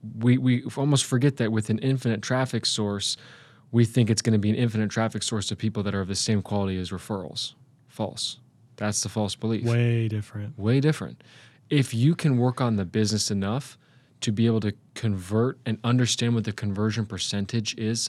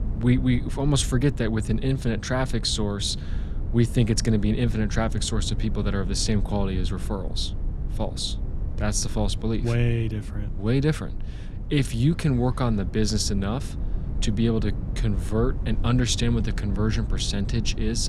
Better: first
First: none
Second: low rumble; noticeable; throughout; 15 dB below the speech

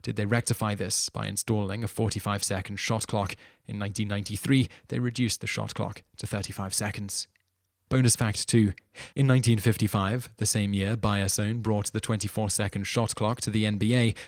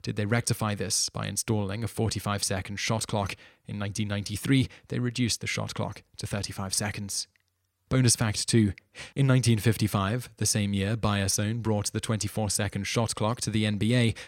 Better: second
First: garbled, watery; slightly; nothing above 15.5 kHz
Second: none

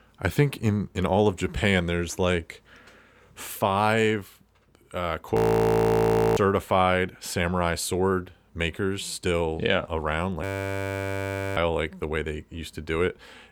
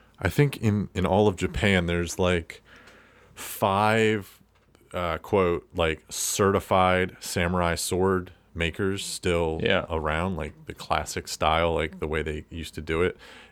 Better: second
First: audio freezing; at 5.5 s for 1 s and at 10 s for 1 s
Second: none

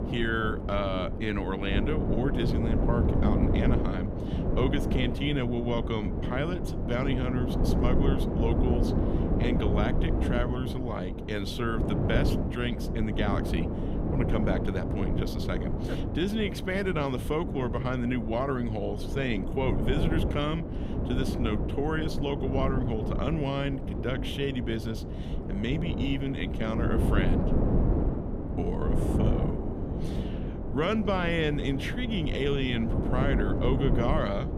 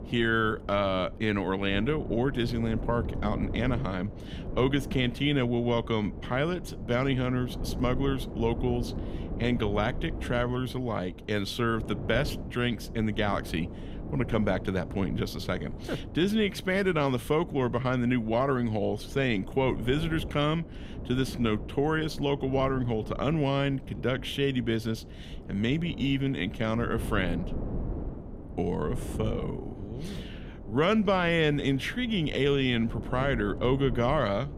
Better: second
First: wind noise on the microphone; heavy; 4 dB below the speech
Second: wind noise on the microphone; occasional gusts; 15 dB below the speech

